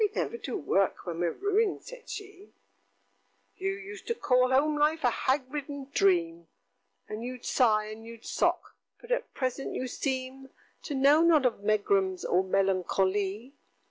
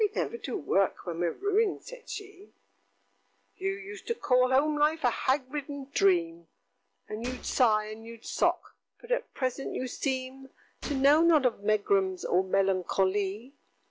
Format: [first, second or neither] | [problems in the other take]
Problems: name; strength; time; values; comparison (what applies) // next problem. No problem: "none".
first | background sound (Gunshot, gunfire); 17 dB below the speech